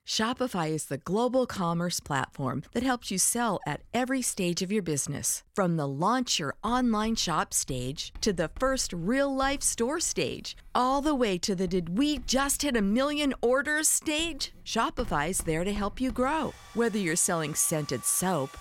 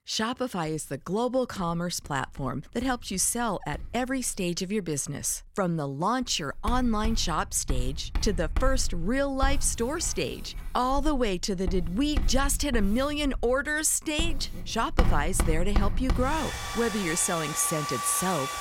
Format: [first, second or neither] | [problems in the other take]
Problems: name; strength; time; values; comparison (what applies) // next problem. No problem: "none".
first | household noises; loud; throughout; 6 dB below the speech; faint in the first